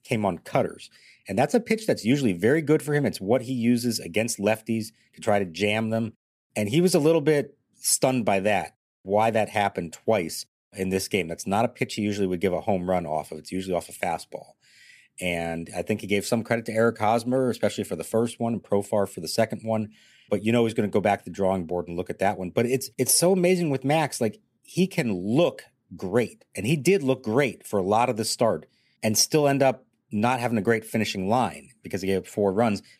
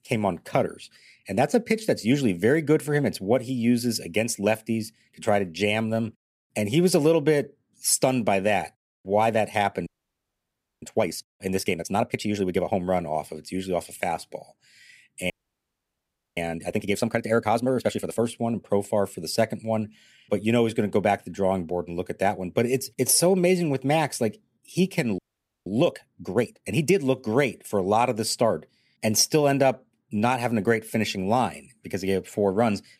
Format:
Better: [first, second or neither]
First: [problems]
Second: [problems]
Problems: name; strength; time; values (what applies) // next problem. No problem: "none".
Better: first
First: none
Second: audio freezing; at 10 s for 1 s, at 15 s for 1 s and at 25 s